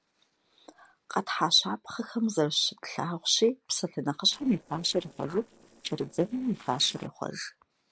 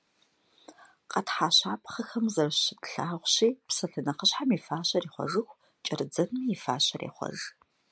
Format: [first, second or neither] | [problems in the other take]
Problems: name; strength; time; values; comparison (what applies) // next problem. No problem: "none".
second | noise reduction (neural separator model SepFormer DNS4)